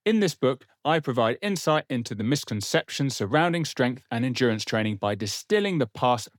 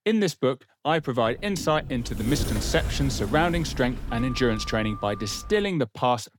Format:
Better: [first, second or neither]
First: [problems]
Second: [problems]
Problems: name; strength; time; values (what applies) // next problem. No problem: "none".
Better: first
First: none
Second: door banging; noticeable; from 1.5 to 5.5 s; peak 4 dB below the speech